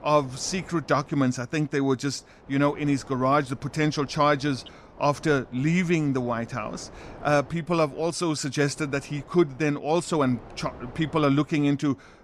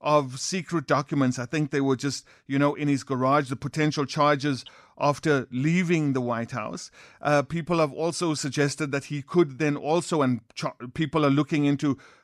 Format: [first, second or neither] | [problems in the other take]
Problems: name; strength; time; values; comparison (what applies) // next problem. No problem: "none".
second | wind noise on the microphone; occasional gusts; 20 dB below the speech